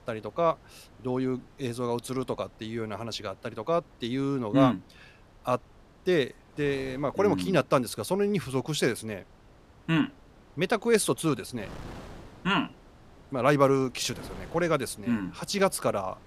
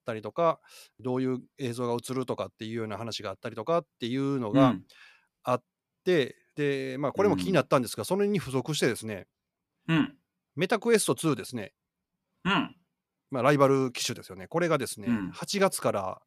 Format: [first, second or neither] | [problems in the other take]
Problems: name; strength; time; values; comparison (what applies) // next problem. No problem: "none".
second | wind noise on the microphone; occasional gusts; 25 dB below the speech